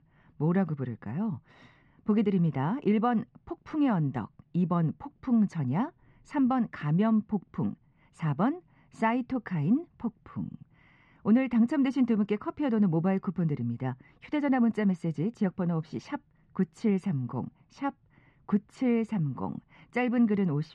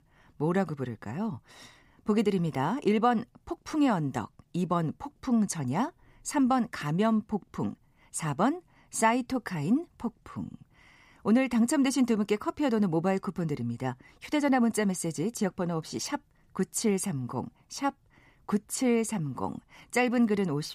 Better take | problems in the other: second | muffled; very; fading above 2.5 kHz

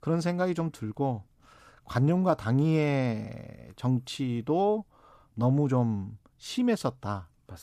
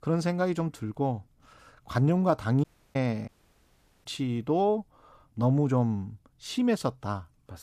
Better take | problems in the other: first | audio cutting out; at 2.5 s and at 3.5 s for 1 s

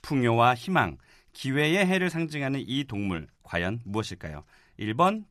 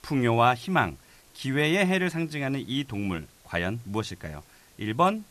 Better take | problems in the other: first | hiss; faint; throughout; 30 dB below the speech

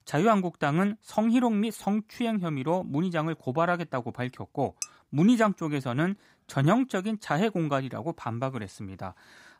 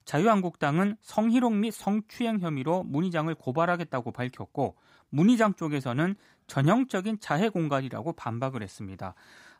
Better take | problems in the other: second | clattering dishes; very faint; at 5 s; peak 10 dB below the speech

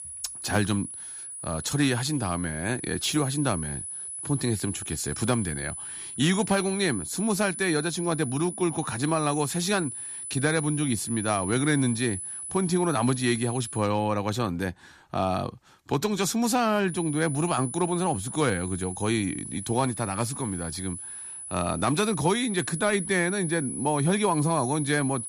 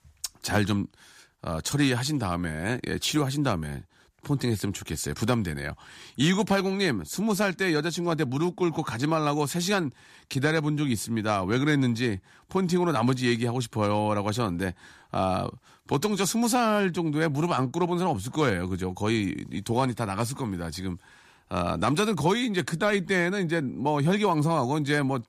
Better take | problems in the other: second | high-pitched whine; loud; until 14 s and from 17 s on; 10 kHz, 7 dB below the speech

